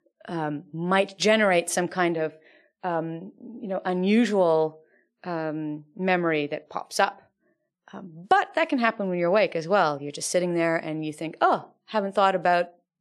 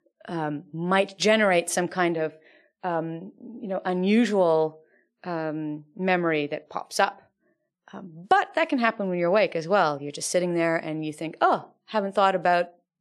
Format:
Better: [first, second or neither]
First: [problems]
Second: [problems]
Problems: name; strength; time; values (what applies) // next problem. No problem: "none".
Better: neither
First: none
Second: none